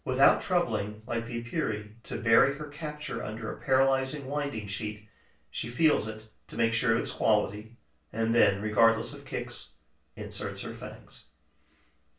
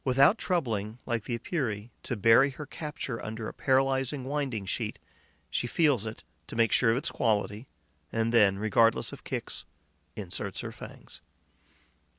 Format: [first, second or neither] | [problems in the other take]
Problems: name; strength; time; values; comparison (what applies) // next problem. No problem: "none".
second | room echo; dies away in 0.3 s